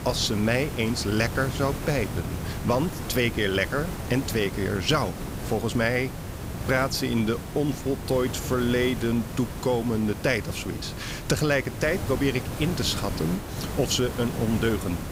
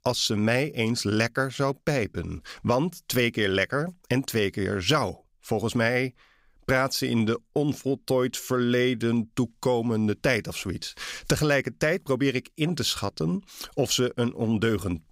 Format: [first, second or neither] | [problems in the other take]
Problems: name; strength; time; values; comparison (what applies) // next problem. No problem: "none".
second | hiss; loud; throughout; 7 dB below the speech